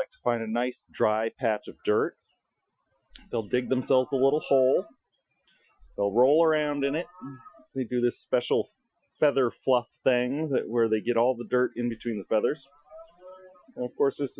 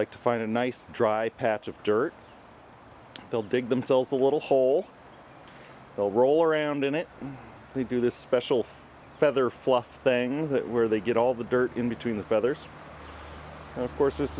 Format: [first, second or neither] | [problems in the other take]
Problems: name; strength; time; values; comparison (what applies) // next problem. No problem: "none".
second | noise reduction (classical method Wiener filter)